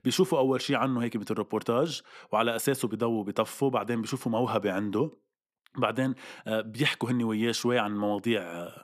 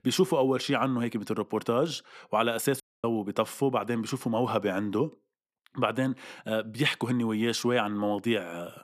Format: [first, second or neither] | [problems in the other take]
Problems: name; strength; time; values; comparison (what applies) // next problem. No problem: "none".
first | audio cutting out; at 3 s